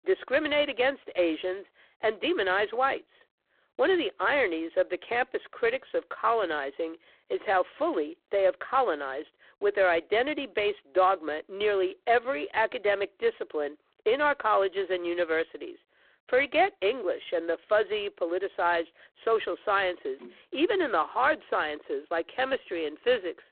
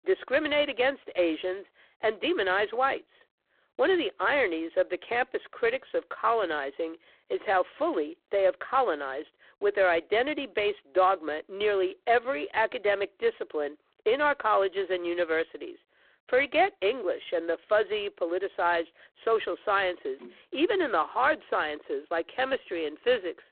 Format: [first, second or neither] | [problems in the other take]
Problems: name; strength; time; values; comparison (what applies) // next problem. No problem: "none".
neither | phone-call audio; poor line; the same in both